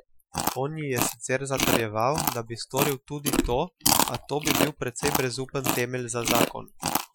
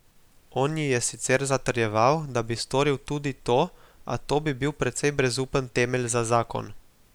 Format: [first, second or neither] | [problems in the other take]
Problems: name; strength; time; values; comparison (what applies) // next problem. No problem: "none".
second | noise reduction (classical method Wiener filter)